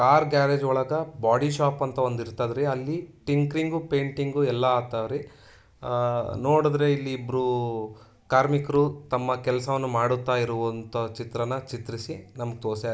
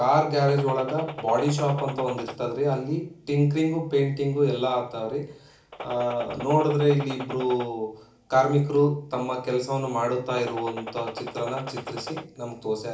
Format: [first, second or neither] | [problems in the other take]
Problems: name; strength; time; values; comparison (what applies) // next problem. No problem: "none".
first | background sound (Gunshot, gunfire); 12 dB below the speech // room echo; dies away in 0.4 s